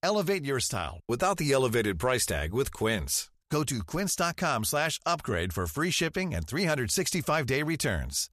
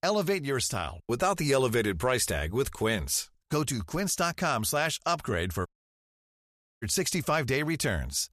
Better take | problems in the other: first | audio cutting out; at 5.5 s for 1 s

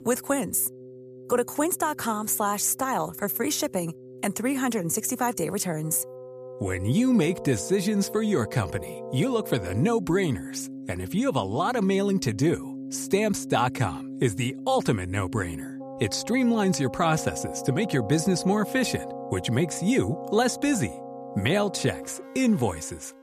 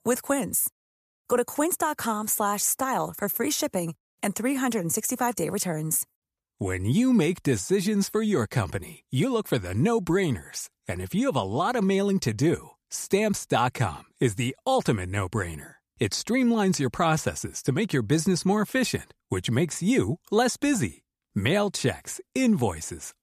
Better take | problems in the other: second | background music; noticeable; throughout; 10 dB below the speech

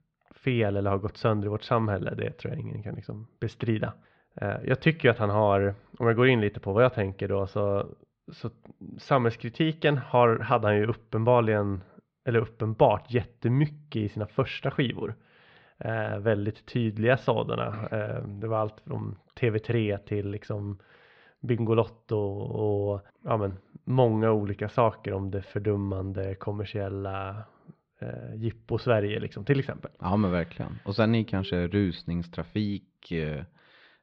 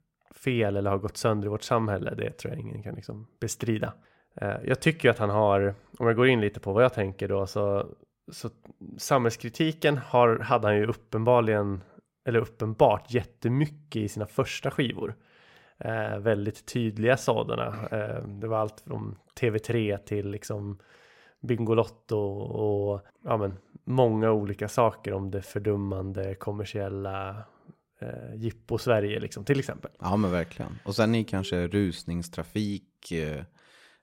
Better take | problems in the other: second | muffled; slightly; fading above 4 kHz

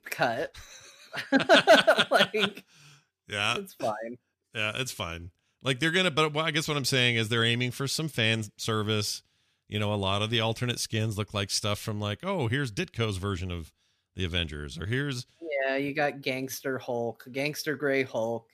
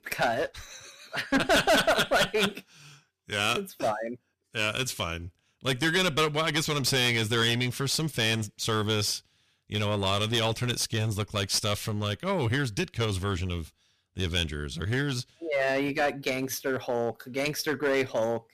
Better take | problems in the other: first | distortion; heavy; 7% of the sound clipped

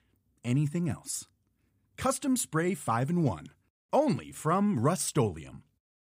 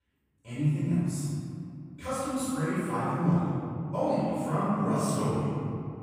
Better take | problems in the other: first | off-mic speech; far // room echo; strong; dies away in 2.6 s

